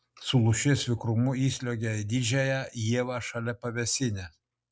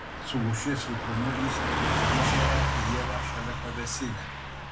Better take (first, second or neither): first